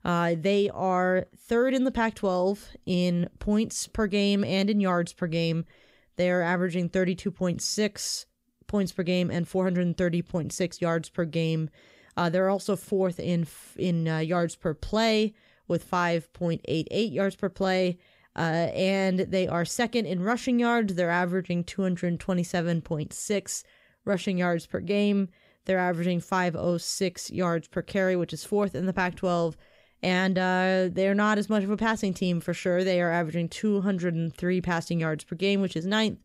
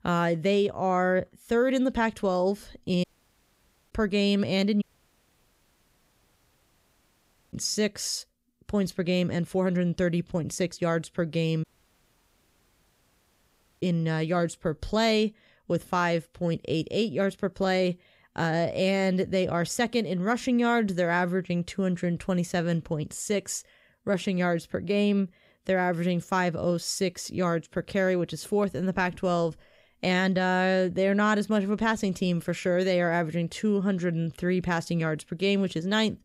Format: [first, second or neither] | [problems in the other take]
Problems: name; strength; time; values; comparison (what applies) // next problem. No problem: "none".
first | audio cutting out; at 3 s for 1 s, at 5 s for 2.5 s and at 12 s for 2 s